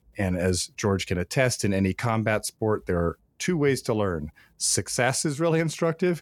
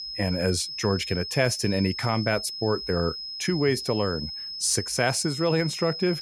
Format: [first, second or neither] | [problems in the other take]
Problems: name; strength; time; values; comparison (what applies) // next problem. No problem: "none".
first | high-pitched whine; loud; throughout; 5 kHz, 7 dB below the speech